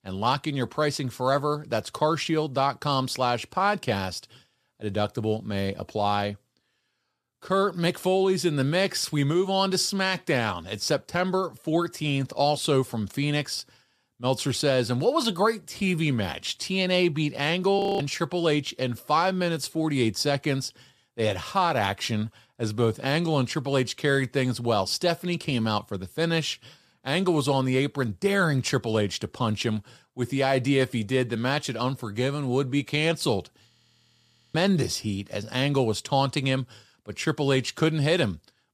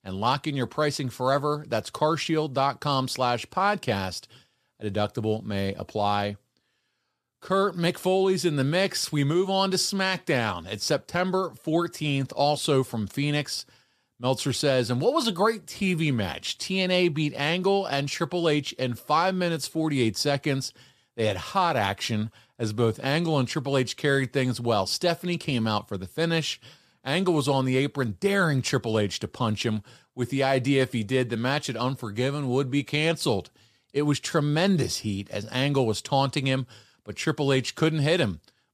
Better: second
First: audio freezing; at 18 s and at 34 s for 1 s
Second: none

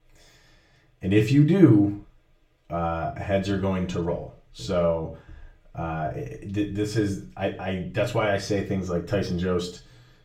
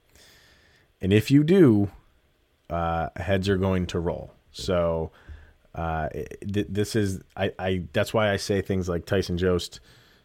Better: second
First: room echo; slight; dies away in 0.3 s // off-mic speech; far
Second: none

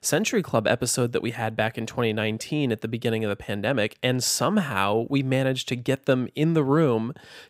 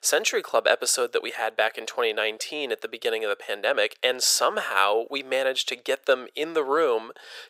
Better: first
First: none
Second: thin; very; fading below 450 Hz

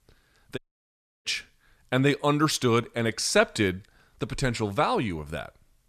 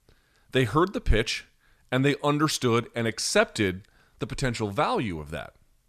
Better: second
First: audio cutting out; at 0.5 s for 0.5 s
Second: none

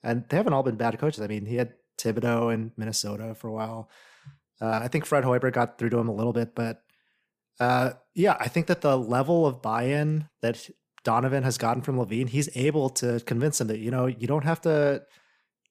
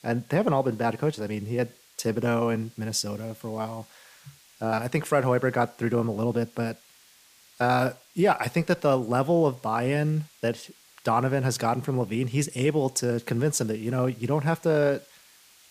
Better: first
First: none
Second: hiss; faint; throughout; 25 dB below the speech

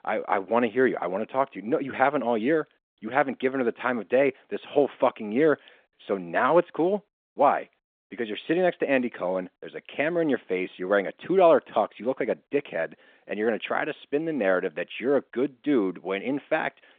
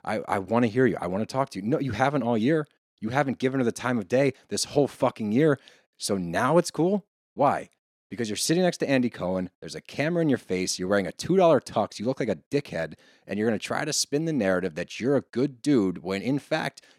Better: second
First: phone-call audio; nothing above 3.5 kHz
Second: none

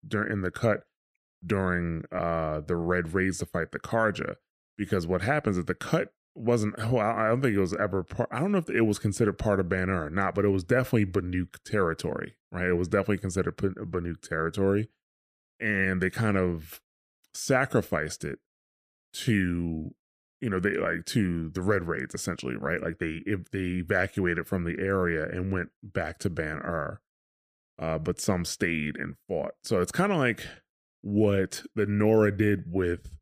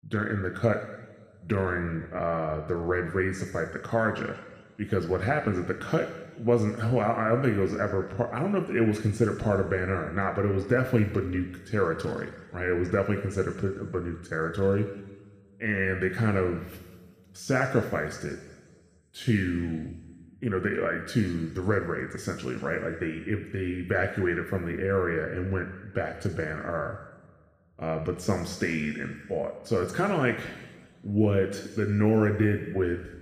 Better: first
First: none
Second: room echo; noticeable; dies away in 1.6 s // off-mic speech; somewhat distant

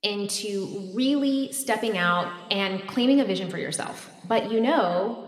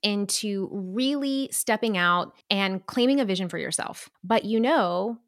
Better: second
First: room echo; very slight; dies away in 1.8 s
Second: none

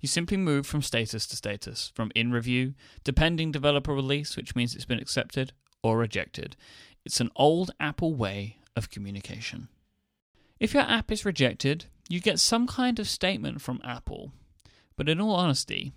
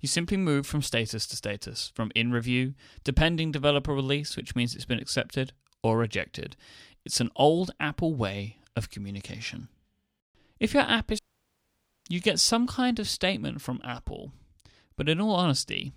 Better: first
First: none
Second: audio cutting out; at 11 s for 1 s

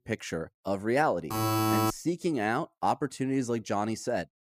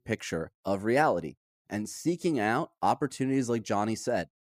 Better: second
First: alarm; loud; at 1.5 s; peak 5 dB above the speech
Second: none

